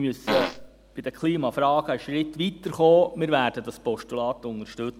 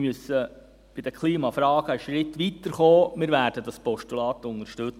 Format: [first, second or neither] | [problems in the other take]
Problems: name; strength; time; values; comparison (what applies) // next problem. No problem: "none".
second | background sound (Fart); 2 dB below the speech